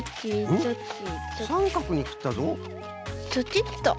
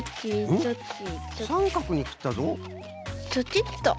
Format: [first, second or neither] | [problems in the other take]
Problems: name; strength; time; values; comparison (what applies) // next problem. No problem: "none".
second | background sound (Wind instrument, woodwind instrument); 14 dB below the speech